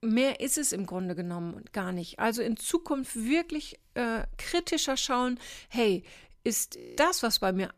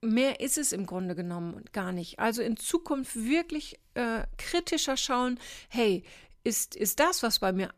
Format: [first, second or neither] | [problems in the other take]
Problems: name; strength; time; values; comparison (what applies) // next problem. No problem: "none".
second | audio freezing; at 7 s